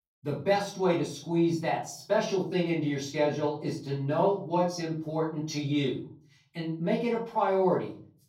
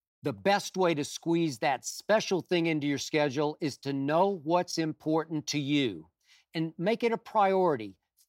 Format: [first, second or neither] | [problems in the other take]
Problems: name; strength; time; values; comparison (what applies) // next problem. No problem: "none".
second | off-mic speech; far // room echo; slight; dies away in 0.4 s